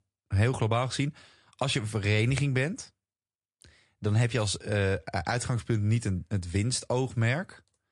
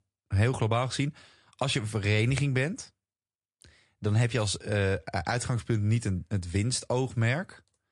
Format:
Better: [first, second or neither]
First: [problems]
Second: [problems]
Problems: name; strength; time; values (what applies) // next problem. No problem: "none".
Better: neither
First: garbled, watery; slightly; nothing above 10 kHz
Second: garbled, watery; slightly; nothing above 10 kHz